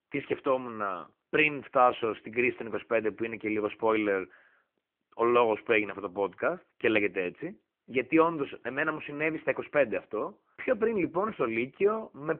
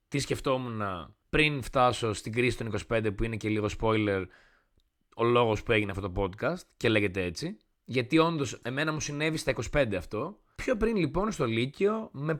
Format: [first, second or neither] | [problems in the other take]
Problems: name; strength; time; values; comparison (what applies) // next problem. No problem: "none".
second | phone-call audio